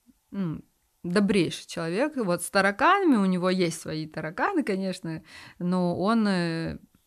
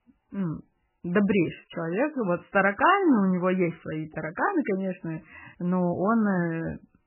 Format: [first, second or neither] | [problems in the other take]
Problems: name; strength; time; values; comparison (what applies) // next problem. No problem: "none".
first | garbled, watery; badly; nothing above 3 kHz